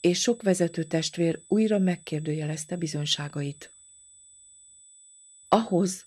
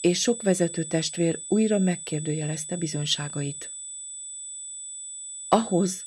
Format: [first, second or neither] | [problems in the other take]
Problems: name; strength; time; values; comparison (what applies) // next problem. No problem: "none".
first | high-pitched whine; loud; throughout; 8 kHz, 9 dB below the speech; faint in the first